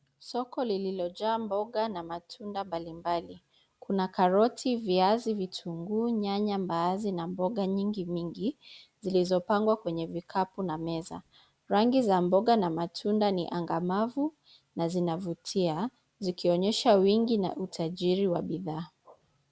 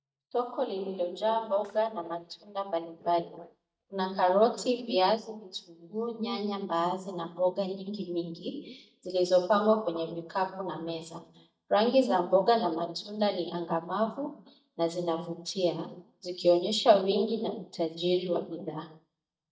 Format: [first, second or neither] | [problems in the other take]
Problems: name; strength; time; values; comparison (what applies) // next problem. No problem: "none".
first | noise reduction (neural mask model DeepFilterNet 3)